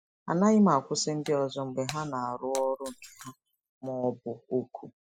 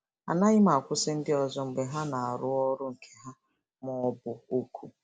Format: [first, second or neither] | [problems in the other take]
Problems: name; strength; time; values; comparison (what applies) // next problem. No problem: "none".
second | noise reduction (classical method spectral subtraction)